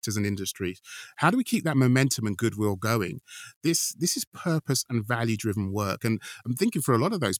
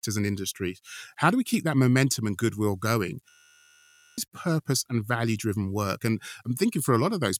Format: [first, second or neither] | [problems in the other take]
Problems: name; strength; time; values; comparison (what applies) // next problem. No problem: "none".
first | audio freezing; at 3.5 s for 1 s